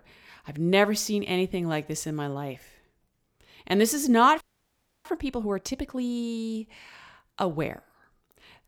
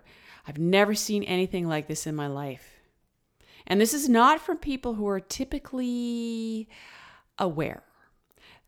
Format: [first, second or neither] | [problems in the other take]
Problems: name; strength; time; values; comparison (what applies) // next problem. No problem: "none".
second | audio freezing; at 4.5 s for 0.5 s